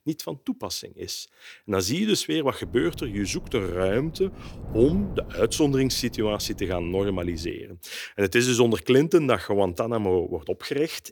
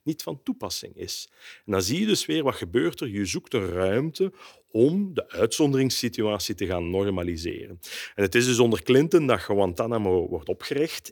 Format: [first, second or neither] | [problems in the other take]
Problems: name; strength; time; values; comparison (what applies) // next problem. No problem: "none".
second | wind noise on the microphone; occasional gusts; from 2.5 to 7.5 s; 20 dB below the speech